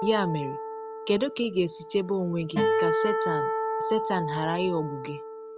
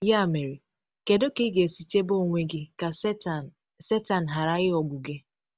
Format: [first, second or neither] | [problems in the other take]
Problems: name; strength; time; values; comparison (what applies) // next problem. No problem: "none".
second | background sound (Acoustic guitar); 1 dB below the speech